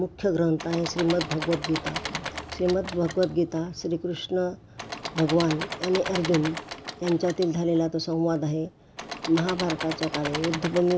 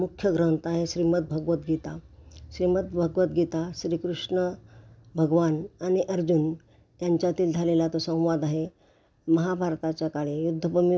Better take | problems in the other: second | background sound (Engine / Mechanisms); 9 dB below the speech

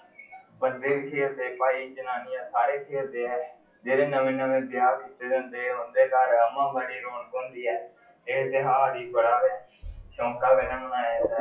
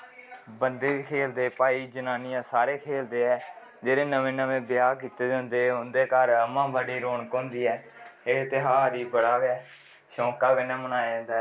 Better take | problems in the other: second | noise reduction (classical method WPE with log-MMSE)

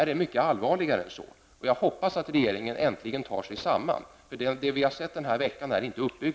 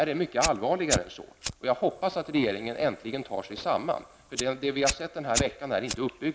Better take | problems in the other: first | background sound (Fire); 8 dB below the speech

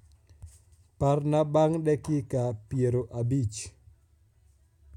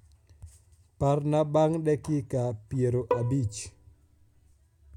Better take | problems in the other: first | background sound (Bowed string instrument); 7 dB below the speech

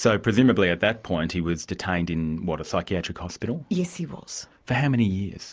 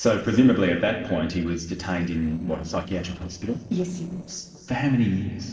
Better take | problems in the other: first | noise reduction (neural separator model SepFormer DNS4)

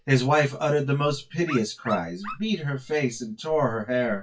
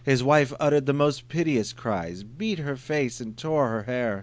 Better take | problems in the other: second | noise reduction (classical method WPE with log-MMSE)

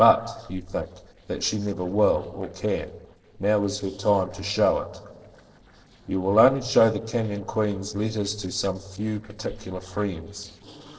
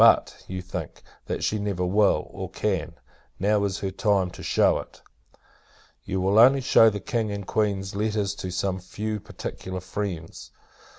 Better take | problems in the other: second | noise reduction (neural separator model SepFormer DNS4)

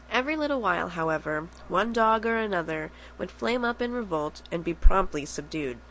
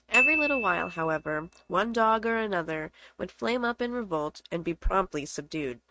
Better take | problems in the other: first | noise reduction (neural mask model RNNoise)

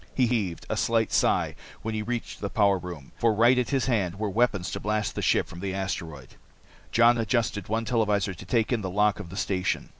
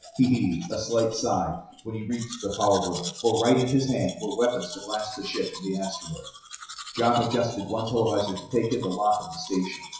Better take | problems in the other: first | noise reduction (classical method WPE with log-MMSE)

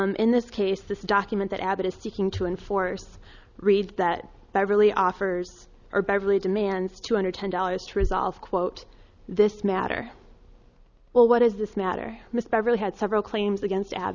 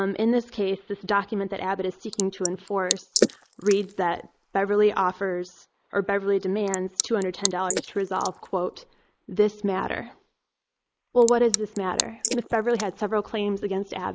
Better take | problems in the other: first | noise reduction (neural mask model Resemble Enhance denoiser)

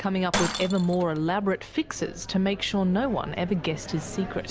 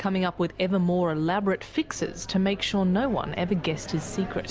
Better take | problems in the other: second | background sound (Shatter); 11 dB below the speech

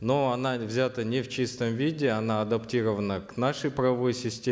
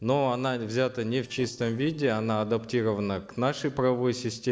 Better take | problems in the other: first | noise reduction (neural separator model SepFormer DNS4)

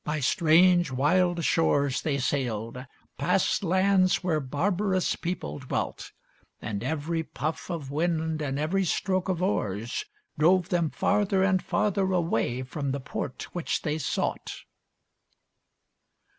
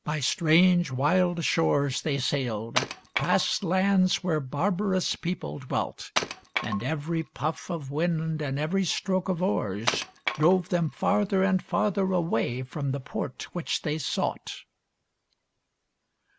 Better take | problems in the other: first | background sound (Wood); 7 dB below the speech

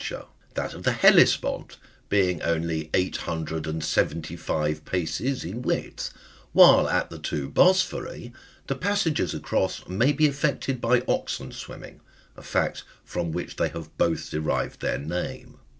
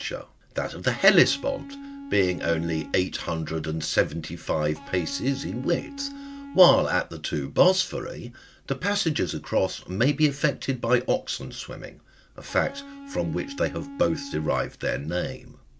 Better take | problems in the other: first | background sound (Electric guitar); 13 dB below the speech

